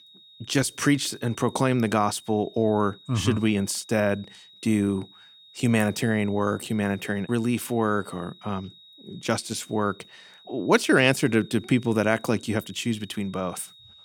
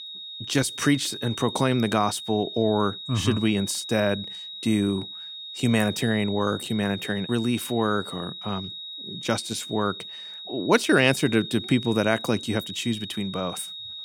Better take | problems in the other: first | high-pitched whine; loud; throughout; 4 kHz, 10 dB below the speech; faint in the first

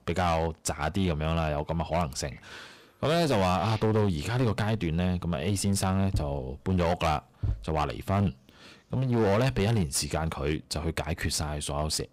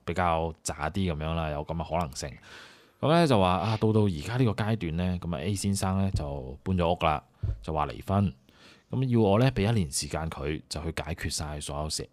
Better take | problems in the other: second | distortion; heavy; 13% of the sound clipped

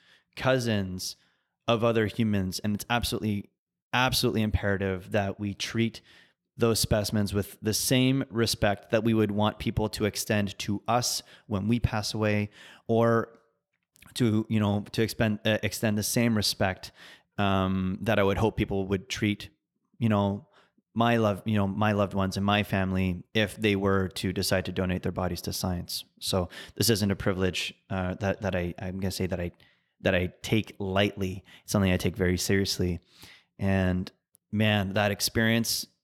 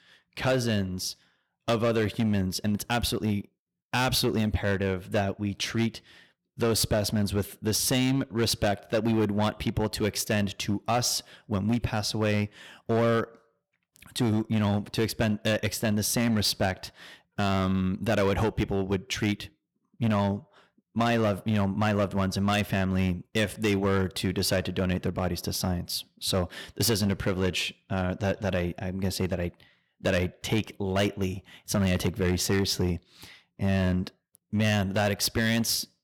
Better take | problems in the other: first | distortion; slight; 8% of the sound clipped

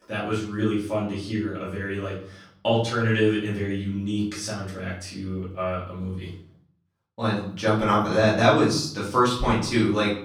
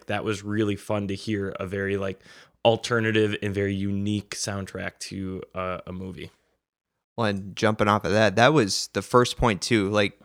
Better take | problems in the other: second | room echo; noticeable; dies away in 0.5 s // off-mic speech; far

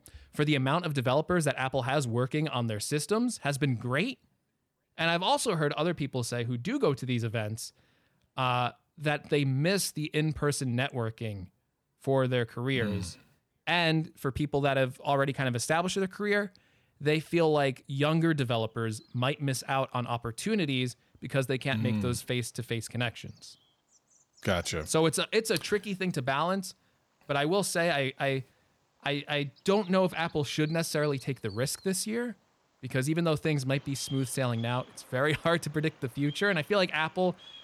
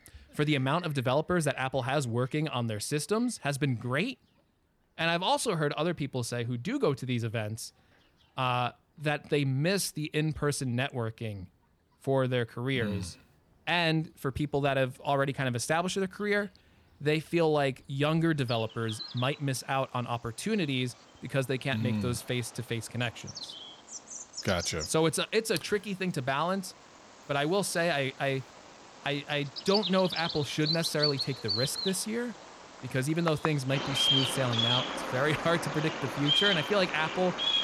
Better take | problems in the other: first | animal sounds; loud; throughout; 1 dB below the speech; faint in the first

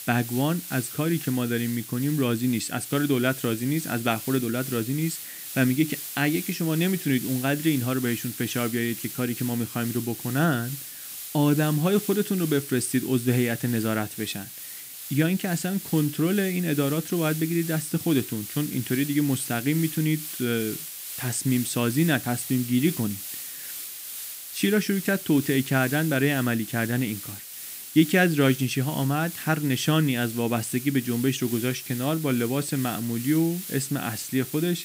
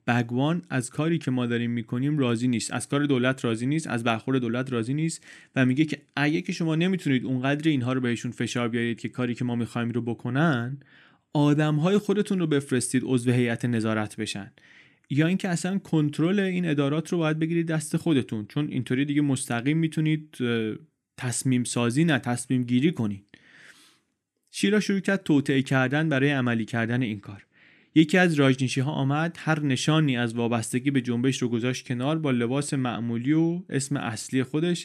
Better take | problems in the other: second | hiss; loud; throughout; 9 dB below the speech

